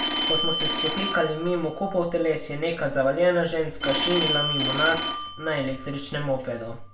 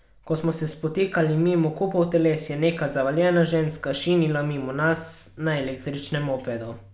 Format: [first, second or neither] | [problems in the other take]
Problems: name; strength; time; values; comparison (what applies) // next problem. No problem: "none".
second | background sound (Telephone); 4 dB below the speech // room echo; dies away in 0.2 s